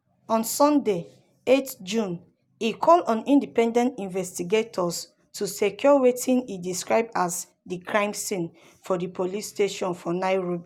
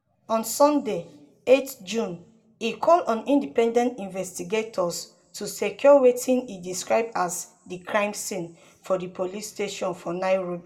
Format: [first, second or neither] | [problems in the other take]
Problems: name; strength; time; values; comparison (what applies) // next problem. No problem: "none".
first | room echo; dies away in 0.3 s